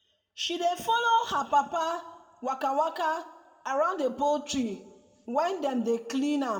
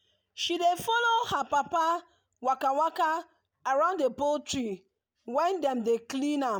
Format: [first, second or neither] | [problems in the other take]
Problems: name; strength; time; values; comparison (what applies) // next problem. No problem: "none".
second | room echo; dies away in 0.9 s